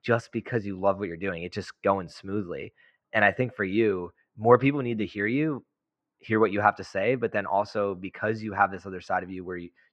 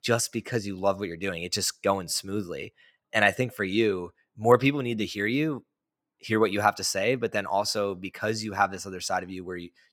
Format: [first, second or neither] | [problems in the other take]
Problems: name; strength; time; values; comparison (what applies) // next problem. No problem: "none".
second | muffled; very; fading above 2 kHz